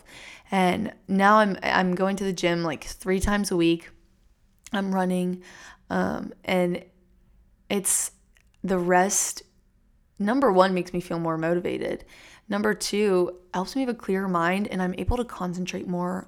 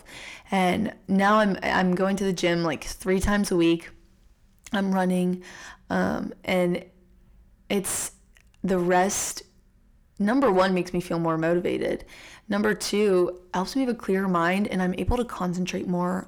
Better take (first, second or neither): first